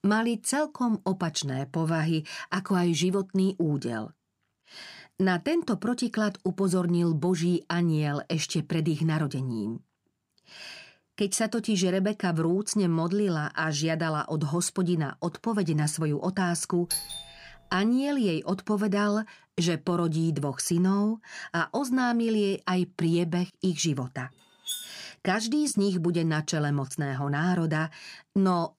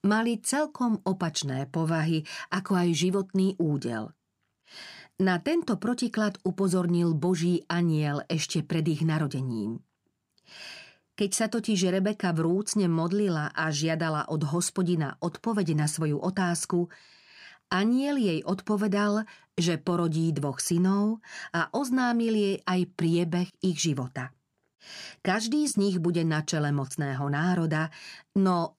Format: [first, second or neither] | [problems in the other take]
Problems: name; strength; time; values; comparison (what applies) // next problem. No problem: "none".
second | doorbell; noticeable; at 17 s; peak 3 dB below the speech // clattering dishes; noticeable; at 25 s; peak 7 dB below the speech